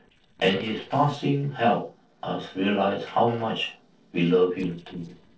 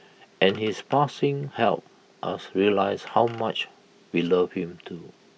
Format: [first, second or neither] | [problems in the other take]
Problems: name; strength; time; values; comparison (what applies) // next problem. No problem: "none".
second | noise reduction (neural separator model SepFormer DNS4)